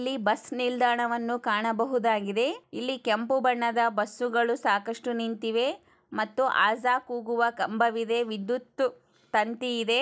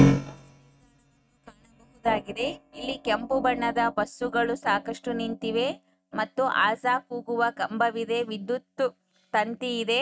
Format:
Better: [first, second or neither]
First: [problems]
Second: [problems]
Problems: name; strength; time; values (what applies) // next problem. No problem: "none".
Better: first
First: none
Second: noise reduction (neural mask model RNNoise)